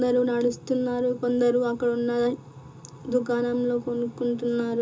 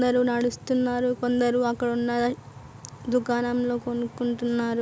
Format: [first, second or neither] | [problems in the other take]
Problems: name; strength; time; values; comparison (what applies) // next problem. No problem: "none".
second | room echo; dies away in 0.2 s